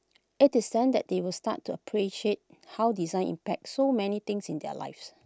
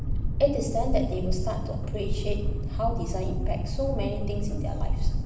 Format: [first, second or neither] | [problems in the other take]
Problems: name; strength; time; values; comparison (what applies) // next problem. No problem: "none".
first | background sound (Boat, Water vehicle); 4 dB above the speech // room echo; dies away in 1.1 s